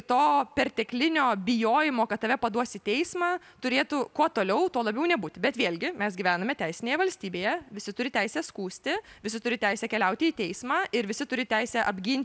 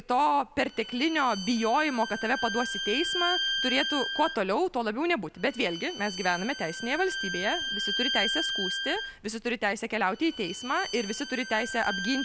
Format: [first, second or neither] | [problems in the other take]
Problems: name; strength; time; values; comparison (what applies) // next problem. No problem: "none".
first | background sound (Bowed string instrument); 6 dB below the speech